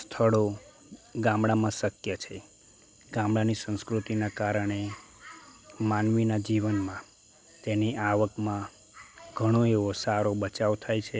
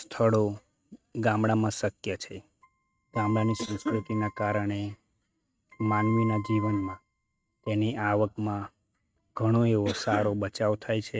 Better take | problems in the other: first | noise reduction (neural mask model RNNoise)

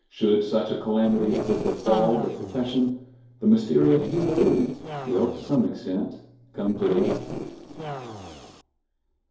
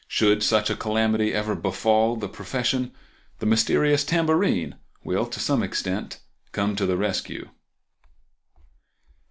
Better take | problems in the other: second | noise reduction (neural separator model SepFormer DNS4)

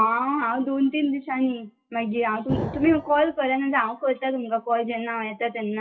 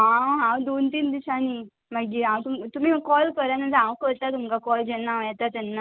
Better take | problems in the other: second | noise reduction (classical method WPE with log-MMSE)

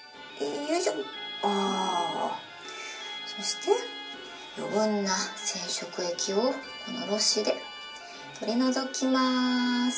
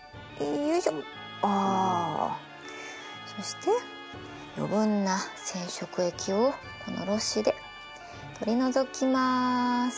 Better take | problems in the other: second | room echo; dies away in 0.3 s

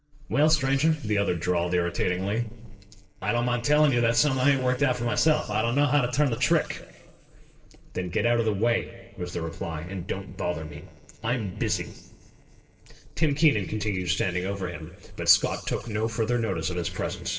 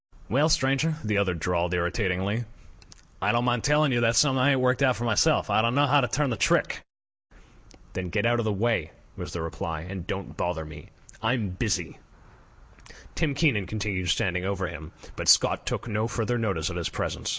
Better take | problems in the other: second | noise reduction (neural separator model SepFormer DNS4)

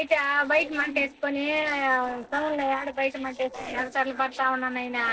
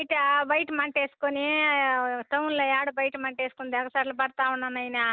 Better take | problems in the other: second | noise reduction (neural separator model SepFormer DNS4)

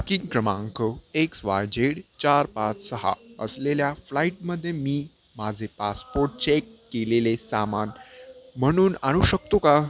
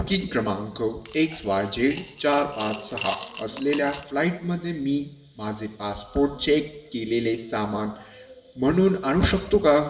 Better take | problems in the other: first | background sound (Coin (dropping) / Glass); 15 dB below the speech // room echo; dies away in 0.8 s

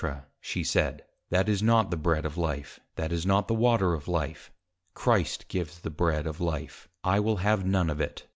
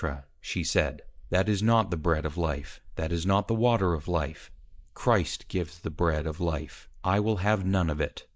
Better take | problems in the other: first | noise reduction (neural mask model Resemble Enhance denoiser)

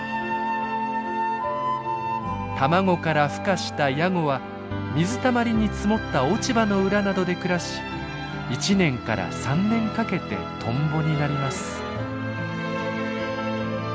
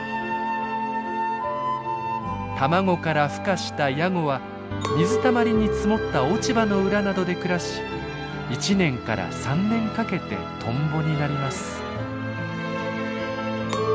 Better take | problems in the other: first | background sound (Chink, clink); 8 dB below the speech

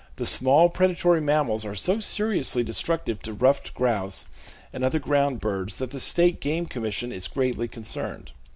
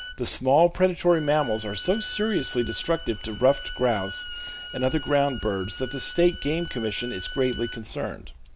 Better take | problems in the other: first | background sound (Bowed string instrument); 13 dB below the speech

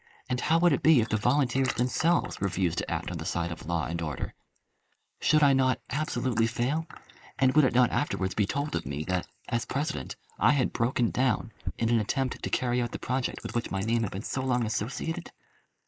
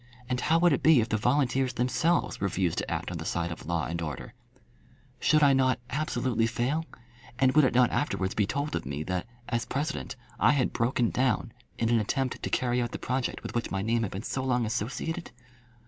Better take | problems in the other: second | noise reduction (neural mask model Resemble Enhance denoiser)

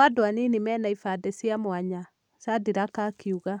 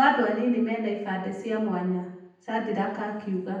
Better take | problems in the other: first | room echo; dies away in 0.9 s

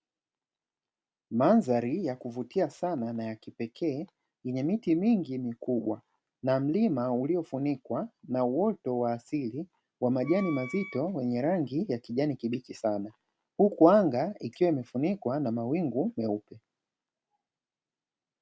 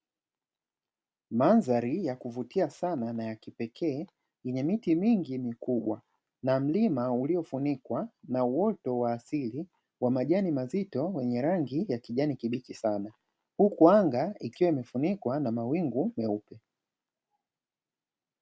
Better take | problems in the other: second | background sound (Wind instrument, woodwind instrument); 15 dB below the speech

